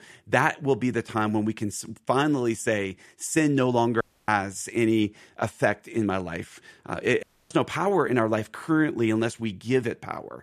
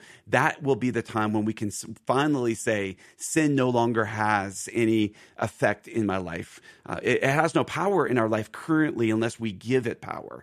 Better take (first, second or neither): second